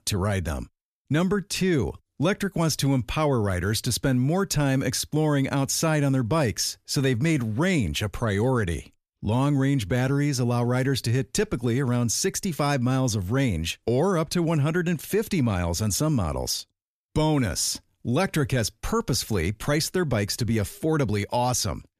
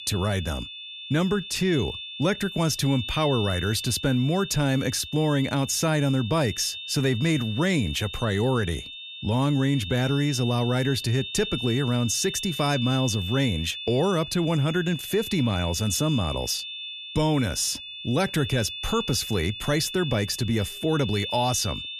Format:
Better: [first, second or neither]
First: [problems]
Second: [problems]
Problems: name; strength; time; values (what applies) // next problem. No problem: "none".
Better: first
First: none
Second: high-pitched whine; loud; throughout; 3.5 kHz, 9 dB below the speech